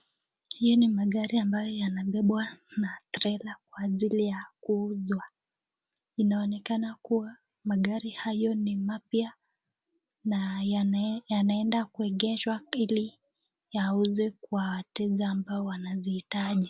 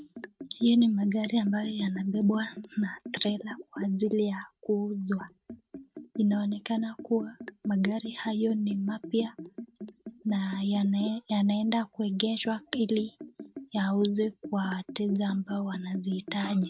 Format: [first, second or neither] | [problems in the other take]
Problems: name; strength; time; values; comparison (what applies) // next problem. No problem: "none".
first | noise reduction (neural mask model RNNoise)